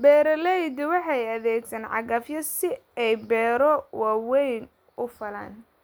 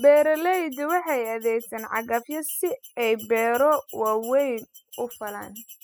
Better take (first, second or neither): first